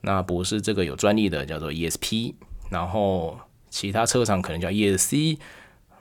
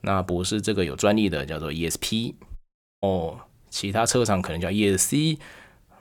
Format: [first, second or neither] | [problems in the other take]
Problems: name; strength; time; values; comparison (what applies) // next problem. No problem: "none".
first | audio cutting out; at 2.5 s